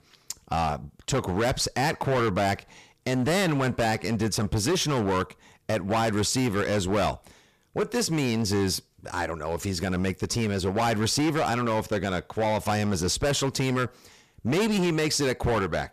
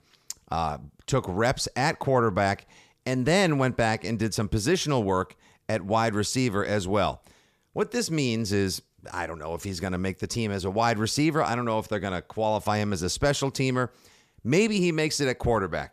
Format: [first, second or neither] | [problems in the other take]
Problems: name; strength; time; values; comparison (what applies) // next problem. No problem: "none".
second | distortion; heavy; 16% of the sound clipped